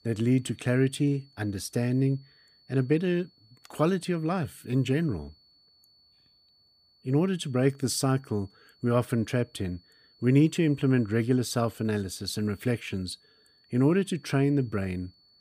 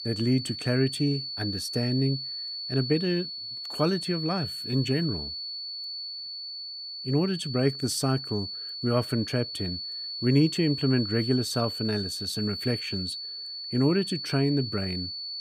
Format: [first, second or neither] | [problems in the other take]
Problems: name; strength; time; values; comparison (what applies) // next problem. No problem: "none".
first | high-pitched whine; loud; throughout; 4.5 kHz, 5 dB below the speech; faint in the first